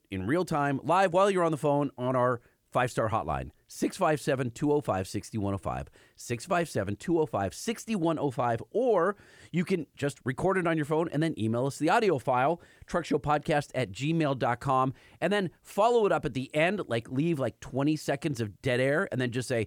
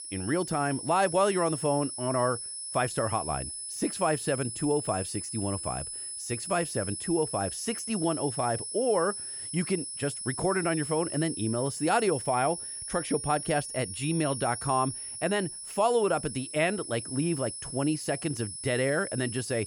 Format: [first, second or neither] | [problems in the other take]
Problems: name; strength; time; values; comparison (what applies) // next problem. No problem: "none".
first | high-pitched whine; loud; throughout; 10 kHz, 6 dB below the speech